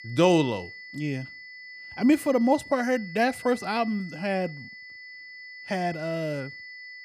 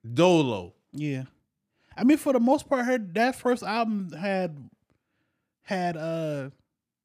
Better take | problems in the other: second | high-pitched whine; noticeable; throughout; 2 kHz, 15 dB below the speech

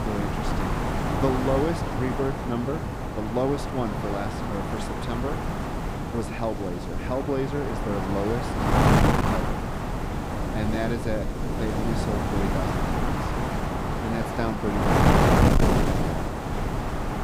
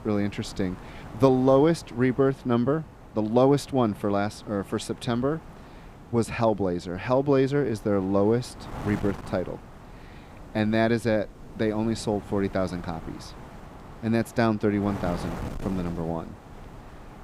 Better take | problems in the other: second | wind noise on the microphone; heavy; 4 dB above the speech; occasional gusts in the second

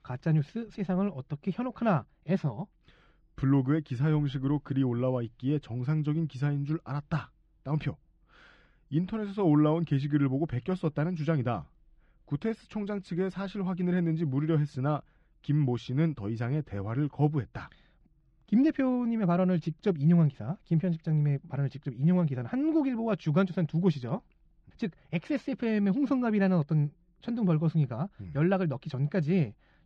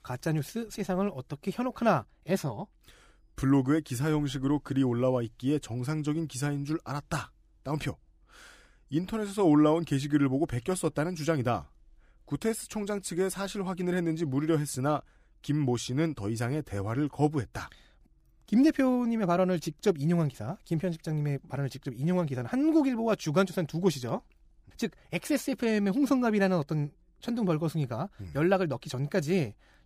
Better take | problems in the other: second | muffled; slightly; fading above 3.5 kHz

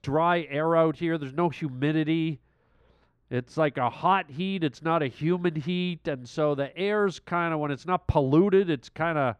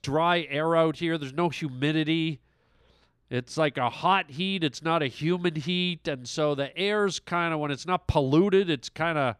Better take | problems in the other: second | muffled; slightly; fading above 2.5 kHz

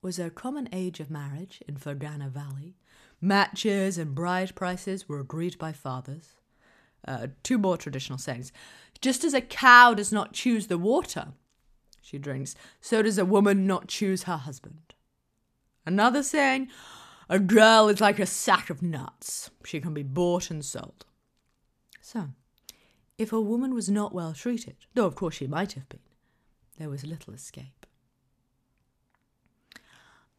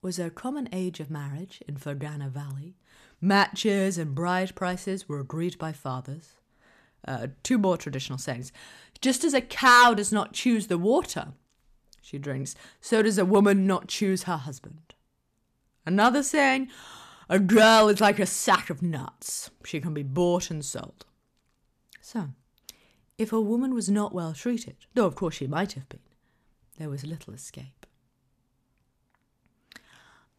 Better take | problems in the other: first | distortion; slight; 0.6% of the sound clipped

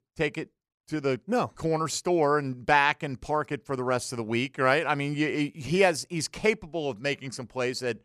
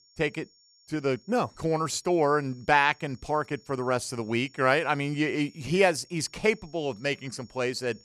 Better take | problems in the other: first | high-pitched whine; faint; throughout; 5.5 kHz, 30 dB below the speech

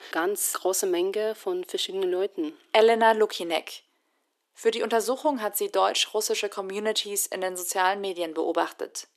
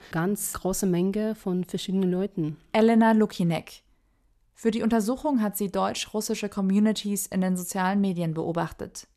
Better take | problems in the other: second | thin; very; fading below 300 Hz

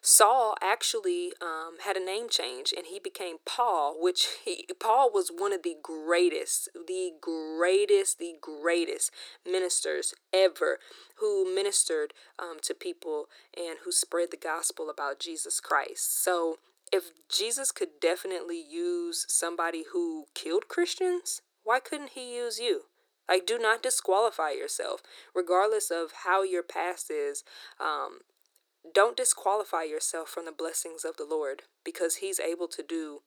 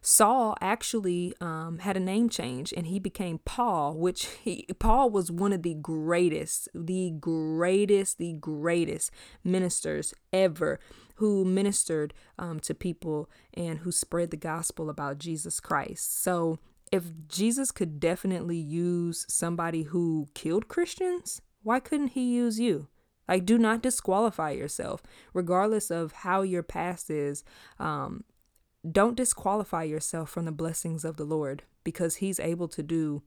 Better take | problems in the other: second | thin; very; fading below 350 Hz

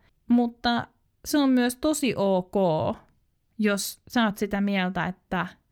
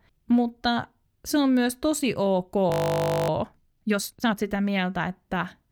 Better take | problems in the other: first | audio freezing; at 2.5 s for 0.5 s

